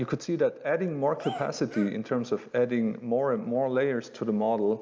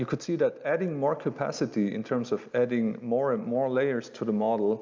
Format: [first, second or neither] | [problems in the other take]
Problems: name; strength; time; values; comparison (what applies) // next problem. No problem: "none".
second | background sound (Cheering); 13 dB below the speech